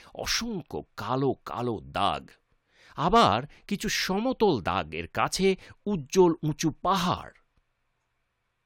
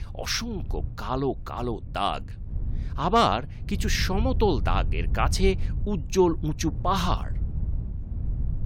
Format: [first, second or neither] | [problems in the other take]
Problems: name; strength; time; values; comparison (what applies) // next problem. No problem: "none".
first | wind noise on the microphone; occasional gusts; 20 dB below the speech